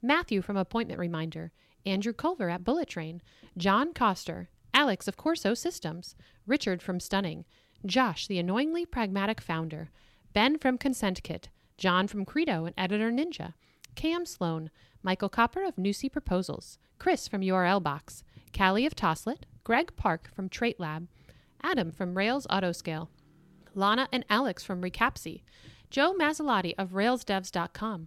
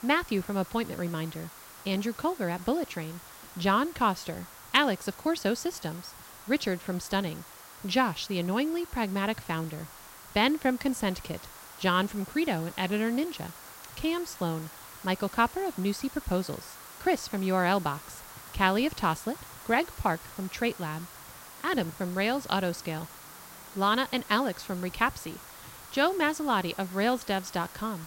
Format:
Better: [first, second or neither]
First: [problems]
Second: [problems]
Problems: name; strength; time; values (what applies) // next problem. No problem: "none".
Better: first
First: none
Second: hiss; noticeable; throughout; 15 dB below the speech